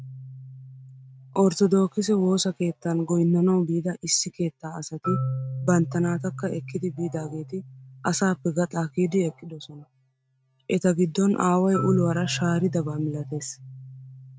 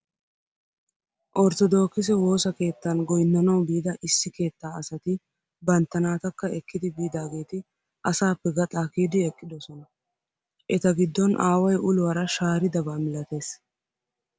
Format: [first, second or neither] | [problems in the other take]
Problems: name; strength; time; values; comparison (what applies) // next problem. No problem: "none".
second | noise reduction (neural mask model RNNoise)